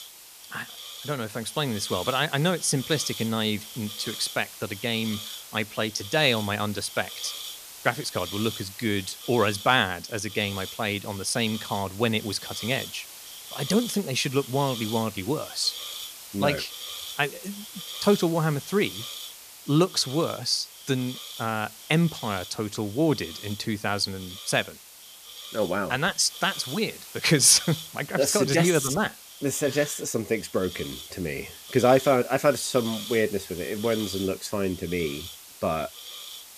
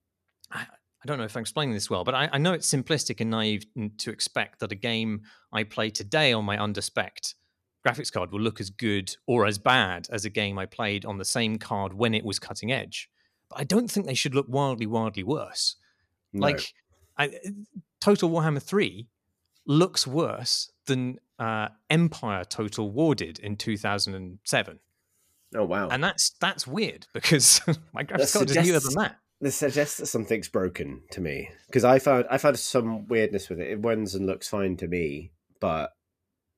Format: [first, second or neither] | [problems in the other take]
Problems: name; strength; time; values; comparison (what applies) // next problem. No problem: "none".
second | hiss; noticeable; throughout; 10 dB below the speech